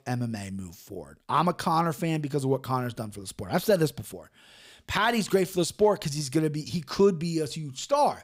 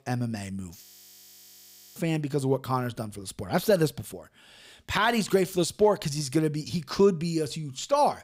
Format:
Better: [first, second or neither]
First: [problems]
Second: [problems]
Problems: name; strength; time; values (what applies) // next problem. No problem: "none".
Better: first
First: none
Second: audio freezing; at 1 s for 1 s